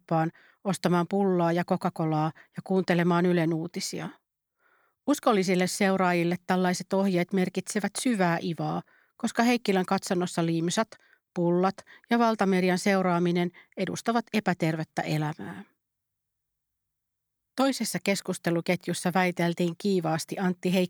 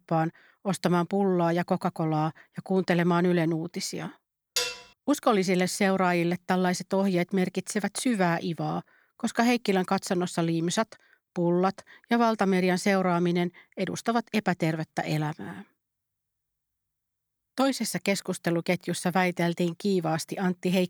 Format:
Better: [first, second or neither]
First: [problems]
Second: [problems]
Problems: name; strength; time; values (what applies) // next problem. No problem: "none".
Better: first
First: none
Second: clattering dishes; noticeable; at 4.5 s; peak 2 dB below the speech